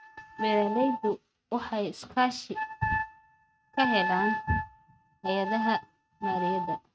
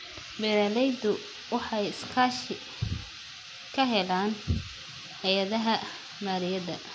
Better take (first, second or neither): second